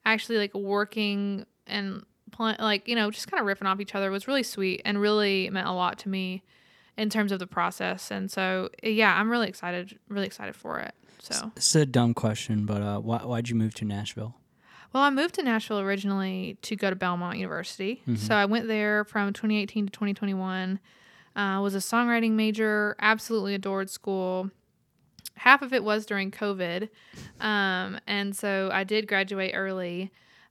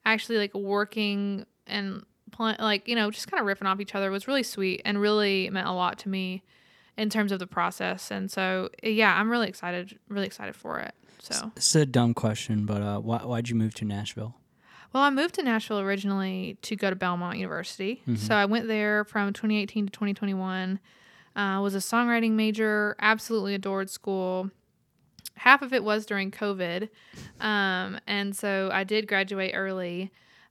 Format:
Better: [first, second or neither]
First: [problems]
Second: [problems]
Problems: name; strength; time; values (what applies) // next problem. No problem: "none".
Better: neither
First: none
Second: none